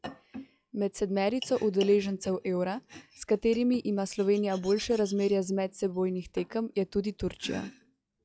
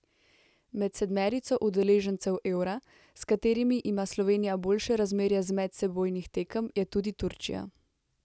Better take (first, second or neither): second